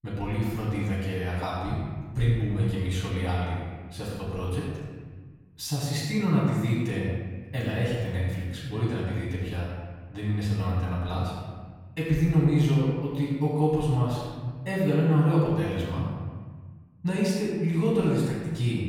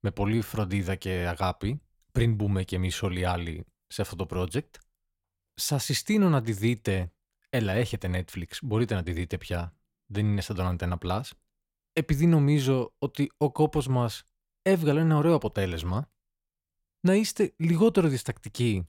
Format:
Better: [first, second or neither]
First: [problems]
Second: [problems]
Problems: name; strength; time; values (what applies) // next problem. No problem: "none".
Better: second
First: off-mic speech; far // room echo; strong; dies away in 1.5 s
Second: none